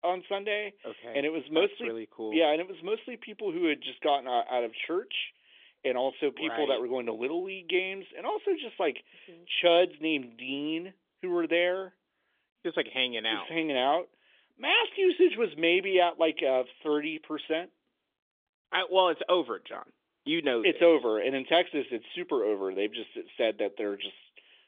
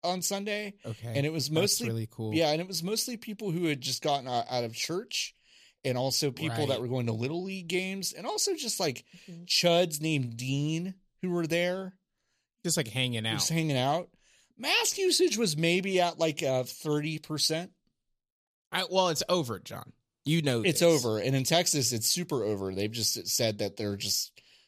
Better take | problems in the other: second | phone-call audio; nothing above 3.5 kHz

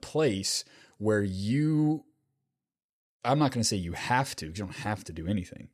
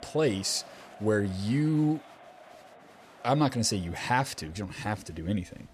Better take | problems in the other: first | crowd noise; faint; throughout; 20 dB below the speech

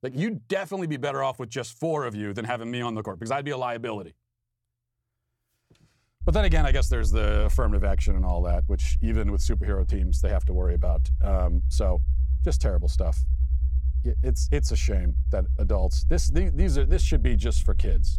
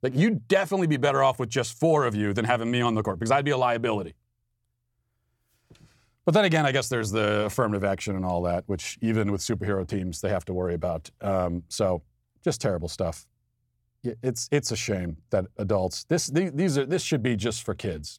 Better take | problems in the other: second | low rumble; noticeable; from 6 s on; 15 dB below the speech

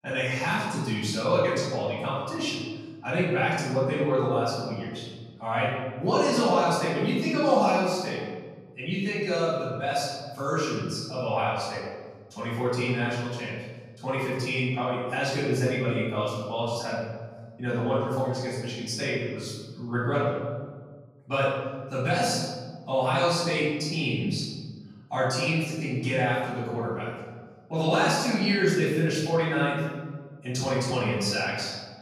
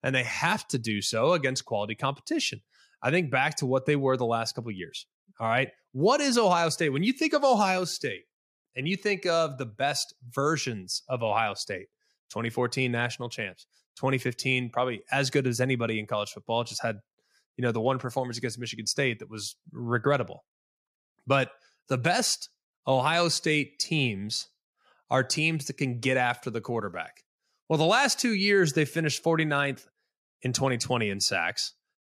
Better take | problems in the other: second | off-mic speech; far // room echo; strong; dies away in 1.5 s

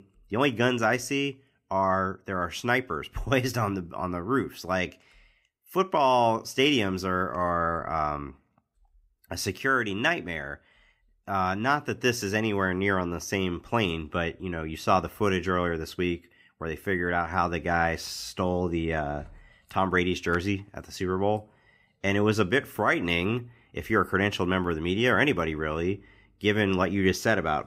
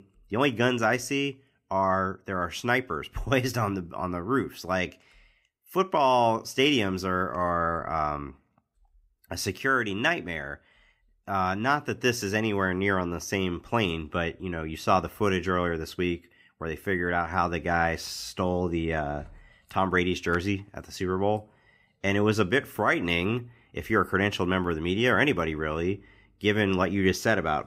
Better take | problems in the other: neither | none

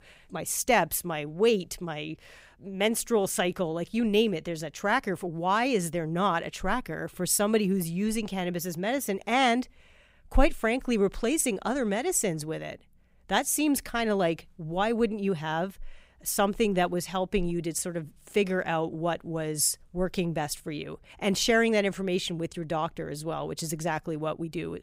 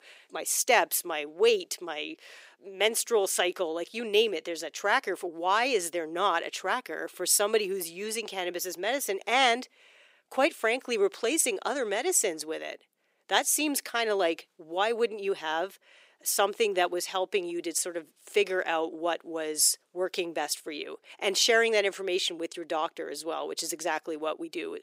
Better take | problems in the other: first | thin; somewhat; fading below 350 Hz

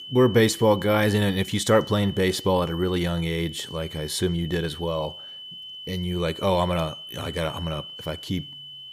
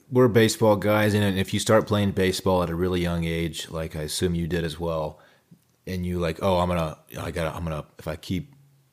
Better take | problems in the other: second | high-pitched whine; noticeable; throughout; 3 kHz, 15 dB below the speech

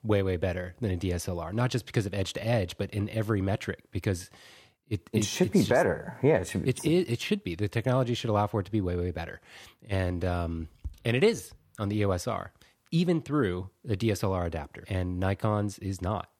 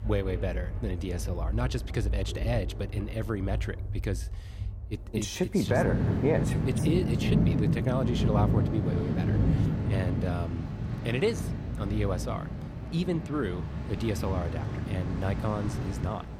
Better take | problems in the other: first | rain or running water; very loud; throughout; 2 dB above the speech

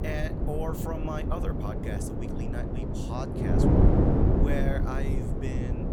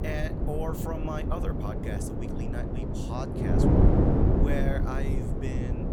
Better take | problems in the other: neither | wind noise on the microphone; heavy; 3 dB above the speech; the same in both

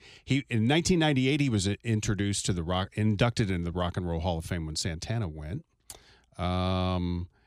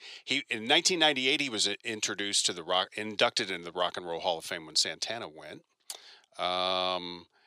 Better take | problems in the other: first | thin; very; fading below 550 Hz

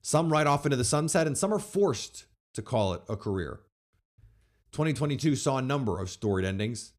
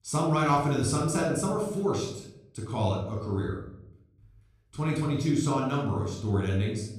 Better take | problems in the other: first | off-mic speech; somewhat distant // room echo; noticeable; dies away in 0.7 s

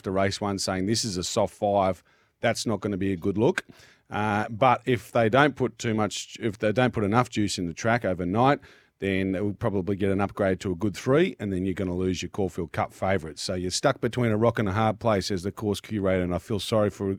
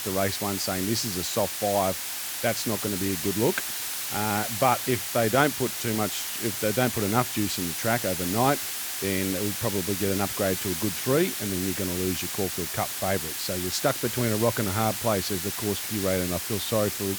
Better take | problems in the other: first | hiss; loud; throughout; 2 dB below the speech

